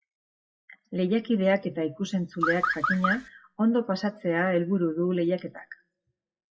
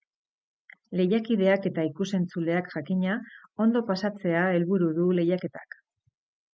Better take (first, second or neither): second